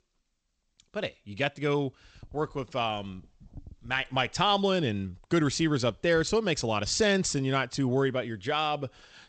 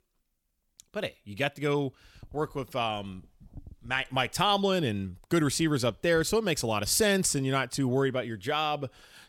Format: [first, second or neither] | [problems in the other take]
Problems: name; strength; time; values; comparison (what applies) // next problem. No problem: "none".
second | garbled, watery; slightly; nothing above 8 kHz